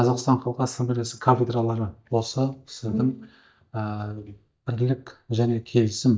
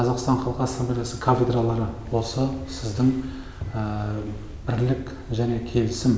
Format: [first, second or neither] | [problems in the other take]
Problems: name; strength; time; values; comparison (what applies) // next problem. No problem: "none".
second | noise reduction (neural mask model DeepFilterNet 3)